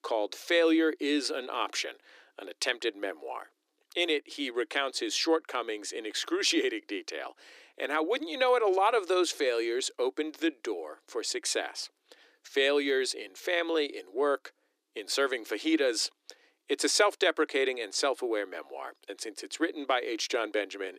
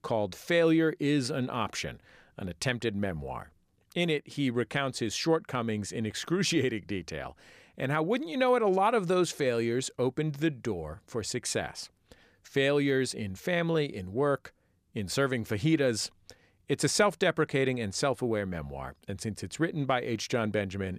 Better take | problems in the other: second | thin; somewhat; fading below 300 Hz

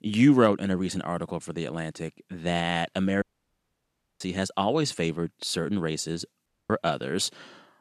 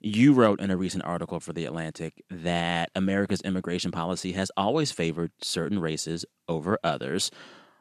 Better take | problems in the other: second | audio cutting out; at 3 s for 1 s and at 6.5 s

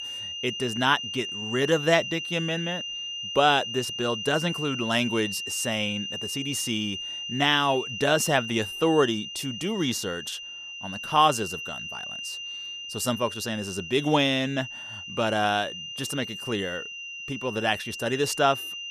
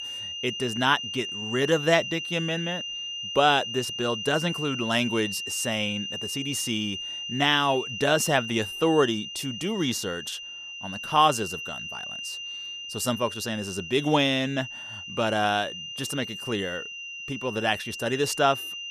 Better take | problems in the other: neither | high-pitched whine; loud; throughout; 3 kHz, 7 dB below the speech; the same in both

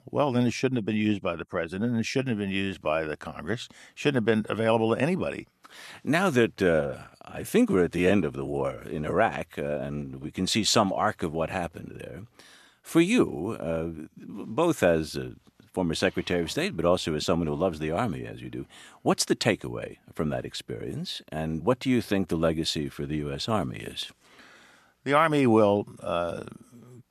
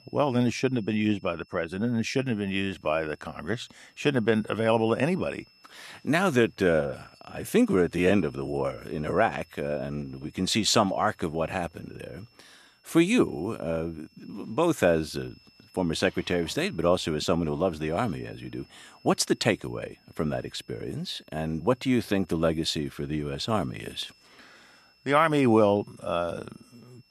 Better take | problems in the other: first | high-pitched whine; faint; throughout; 5 kHz, 30 dB below the speech

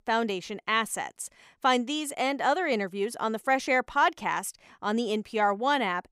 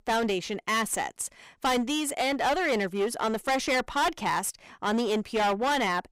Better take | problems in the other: first | distortion; heavy; 18% of the sound clipped

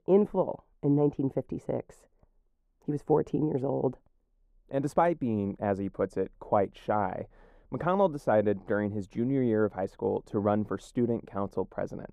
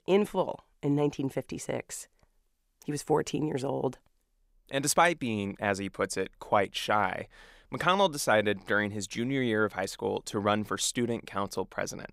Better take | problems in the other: second | muffled; very; fading above 1.5 kHz

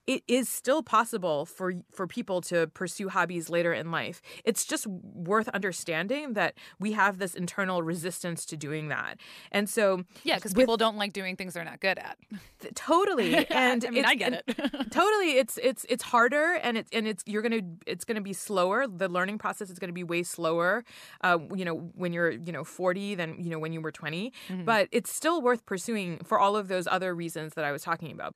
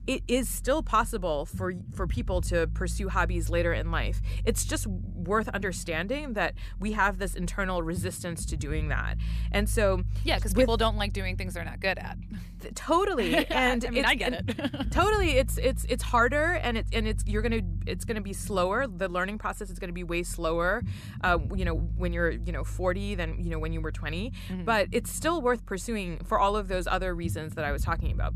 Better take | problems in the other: first | low rumble; faint; throughout; 25 dB below the speech

